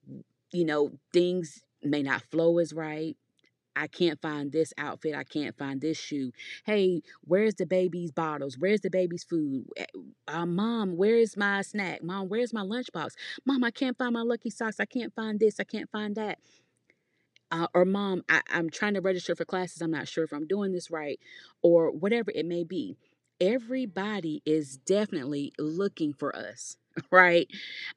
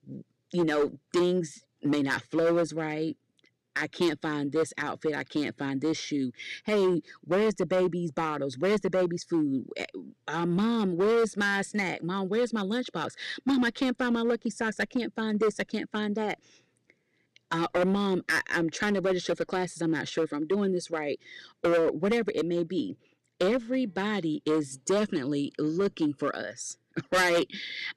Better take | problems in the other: first | distortion; heavy; 8% of the sound clipped

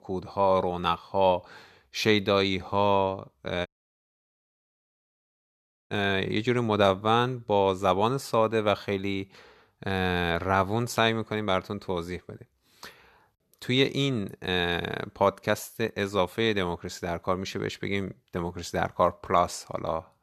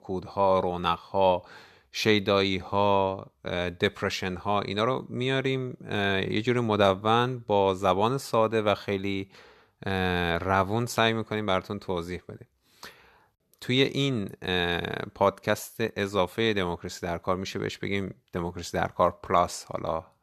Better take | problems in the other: second | audio cutting out; at 3.5 s for 2 s

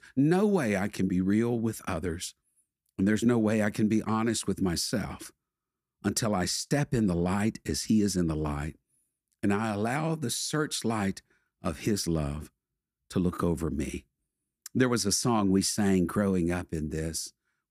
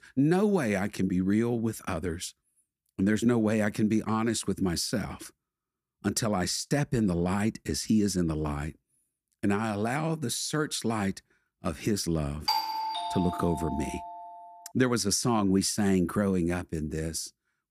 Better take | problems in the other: first | doorbell; loud; from 12 to 14 s; peak level with the speech

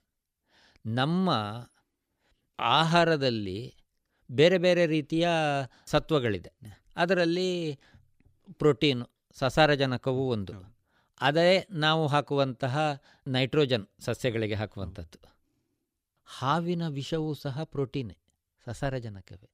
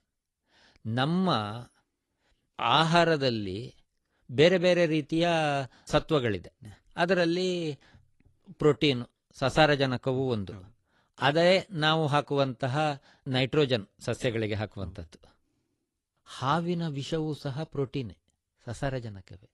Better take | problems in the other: first | garbled, watery; slightly

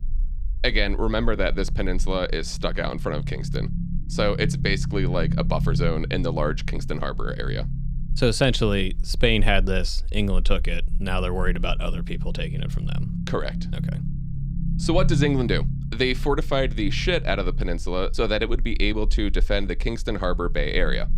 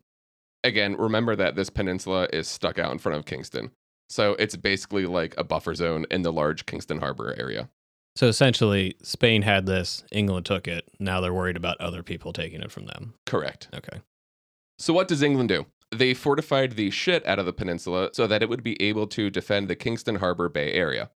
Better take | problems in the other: second | low rumble; noticeable; throughout; 15 dB below the speech

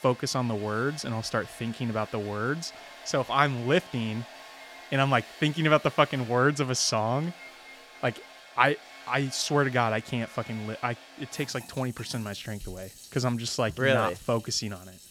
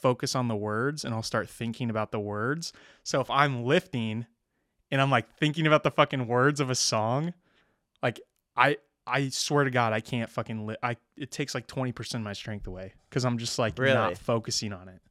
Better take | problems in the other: second | household noises; noticeable; throughout; 20 dB below the speech

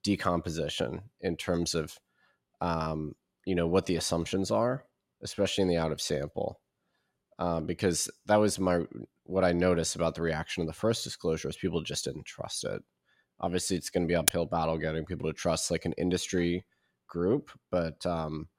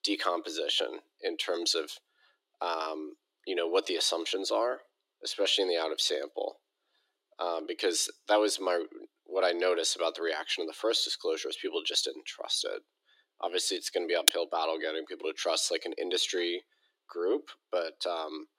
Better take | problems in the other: first | thin; very; fading below 300 Hz

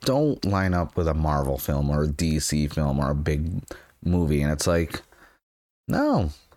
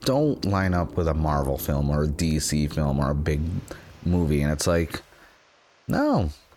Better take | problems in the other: first | rain or running water; noticeable; throughout; 20 dB below the speech

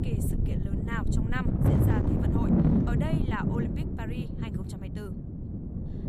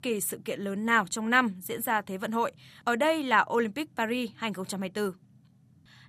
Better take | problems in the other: second | wind noise on the microphone; heavy; 4 dB above the speech

